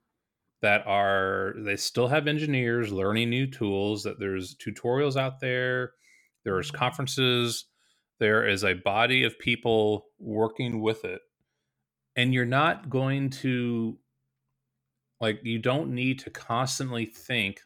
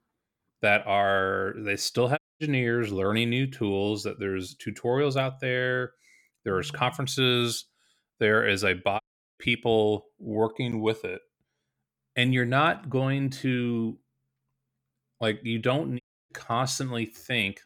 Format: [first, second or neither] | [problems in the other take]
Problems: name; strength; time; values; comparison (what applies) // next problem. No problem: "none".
first | audio cutting out; at 2 s, at 9 s and at 16 s